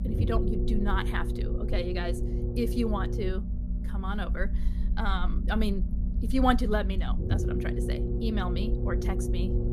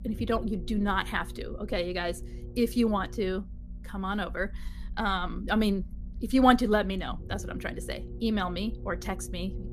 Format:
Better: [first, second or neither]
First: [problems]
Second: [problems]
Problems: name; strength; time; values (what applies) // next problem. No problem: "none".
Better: second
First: low rumble; loud; throughout; 7 dB below the speech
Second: low rumble; faint; throughout; 20 dB below the speech